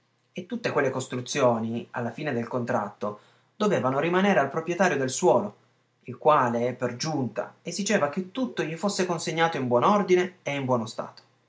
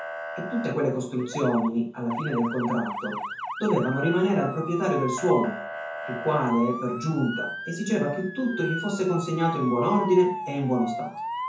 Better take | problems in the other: first | background sound (Motor vehicle (road) / Siren); 8 dB below the speech // room echo; dies away in 0.6 s

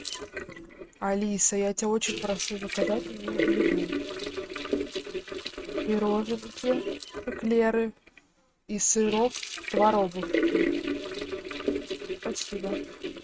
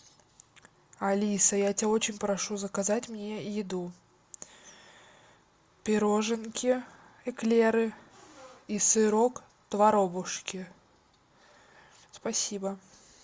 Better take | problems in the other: second | noise reduction (neural mask model RNNoise)

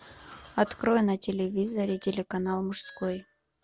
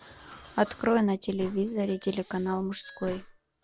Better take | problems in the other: first | background sound (Breathing); 20 dB below the speech

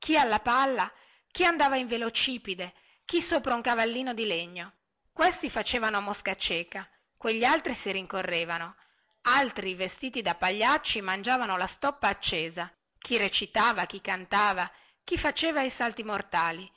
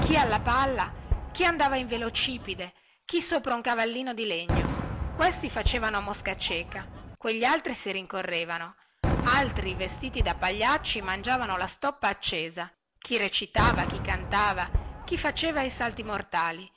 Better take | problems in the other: first | background sound (Fireworks); 5 dB below the speech

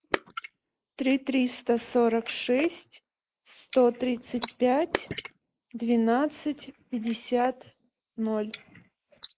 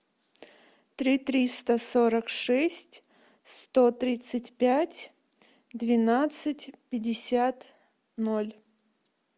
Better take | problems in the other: second | noise reduction (neural mask model Resemble Enhance denoiser)

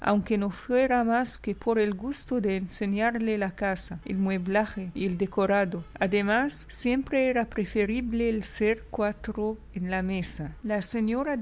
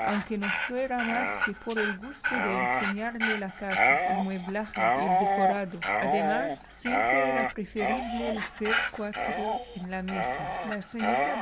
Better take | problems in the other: first | background sound (Dog); 4 dB above the speech // room echo; dies away in 0.8 s

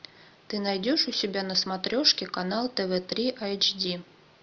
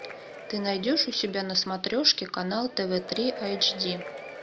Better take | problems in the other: first | background sound (Applause / Crowd / Cheering); 13 dB below the speech

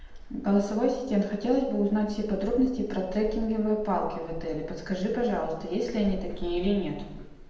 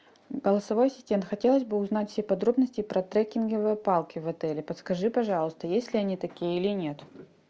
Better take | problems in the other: second | background sound (Cricket); 12 dB below the speech // room echo; dies away in 0.8 s

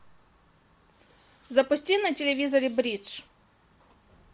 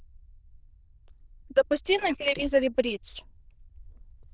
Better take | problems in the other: first | noise reduction (neural diffusion model UNIVERSE++)

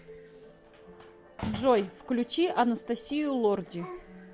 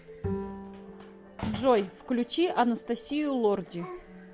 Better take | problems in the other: first | background sound (Bowed string instrument); 12 dB below the speech

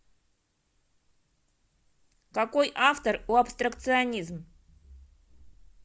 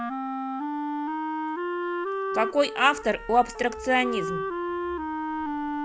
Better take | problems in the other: first | background sound (Wind instrument, woodwind instrument); 2 dB below the speech

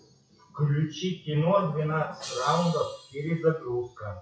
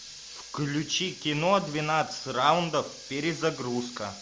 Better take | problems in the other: second | noise reduction (classical method WPE with log-MMSE)

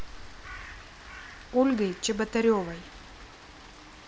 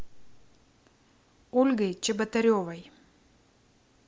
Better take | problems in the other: second | background sound (Crow + Rain); 15 dB below the speech

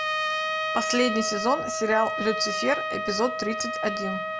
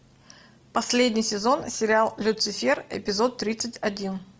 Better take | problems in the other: second | background sound (Trumpet); 1 dB below the speech

